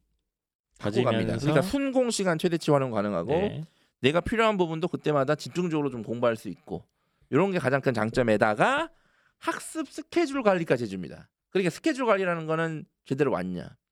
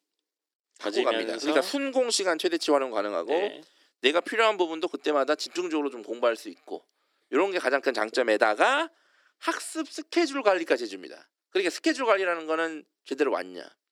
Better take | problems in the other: first | thin; somewhat; fading below 300 Hz

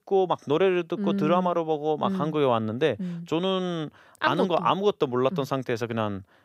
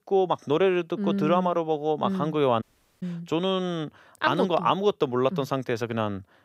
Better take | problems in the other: first | audio cutting out; at 2.5 s

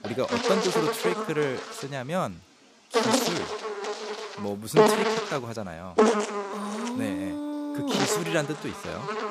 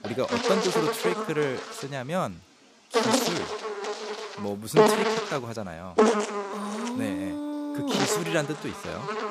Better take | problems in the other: neither | animal sounds; very loud; throughout; 4 dB above the speech; the same in both

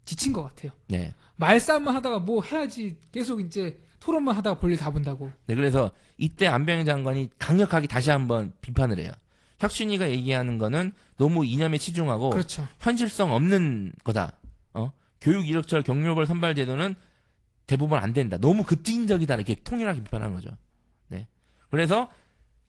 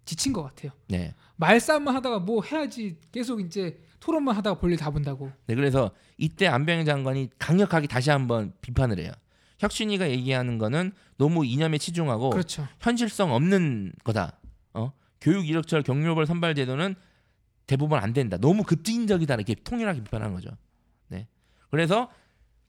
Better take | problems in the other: second | garbled, watery; slightly

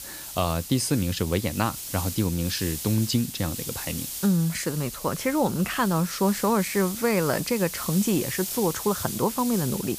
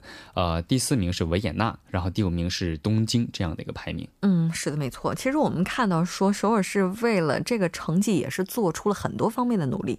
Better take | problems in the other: second | hiss; loud; throughout; 7 dB below the speech

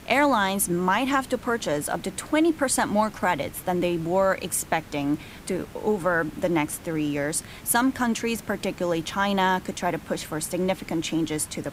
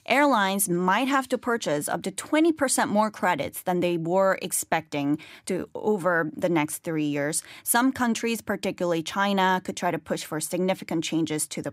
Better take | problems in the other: second | hiss; noticeable; throughout; 20 dB below the speech

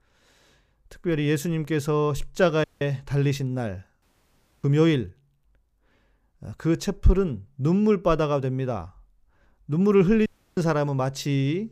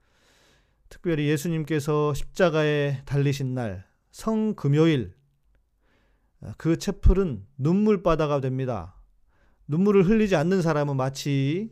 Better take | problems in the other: second | audio cutting out; at 2.5 s, at 4 s for 0.5 s and at 10 s

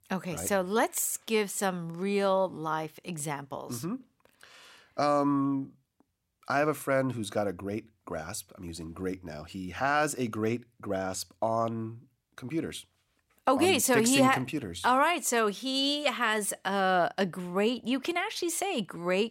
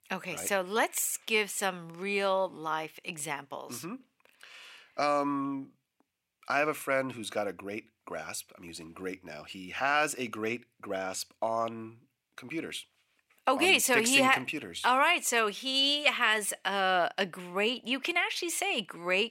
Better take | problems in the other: first | thin; very slightly; fading below 750 Hz

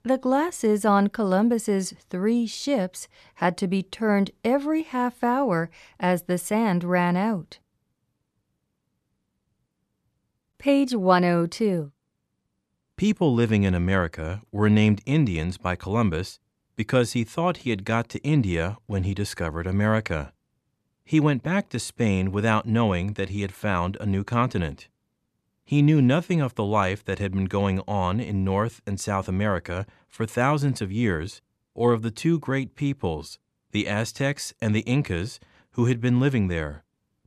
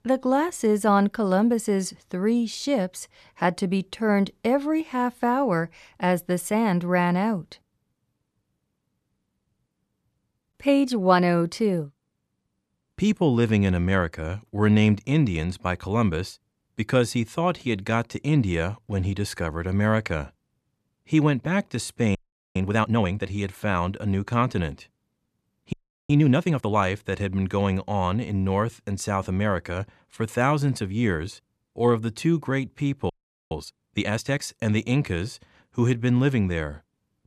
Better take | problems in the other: first | audio freezing; at 22 s, at 26 s and at 33 s

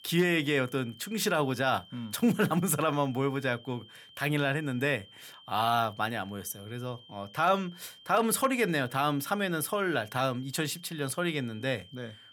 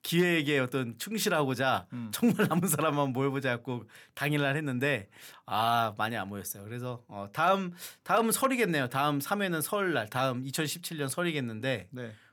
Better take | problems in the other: second | high-pitched whine; faint; throughout; 3 kHz, 20 dB below the speech

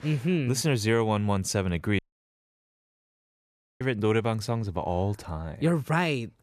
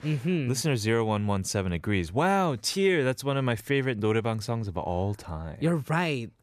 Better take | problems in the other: second | audio cutting out; at 2 s for 2 s

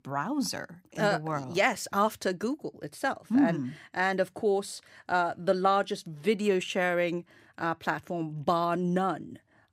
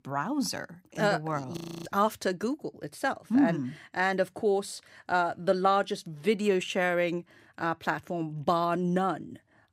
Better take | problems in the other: first | audio freezing; at 1.5 s

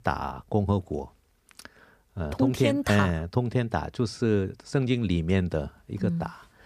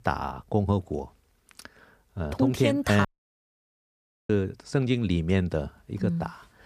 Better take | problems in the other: first | audio cutting out; at 3 s for 1 s

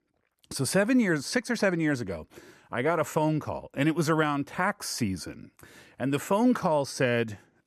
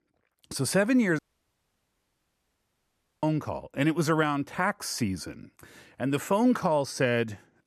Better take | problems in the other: first | audio cutting out; at 1 s for 2 s

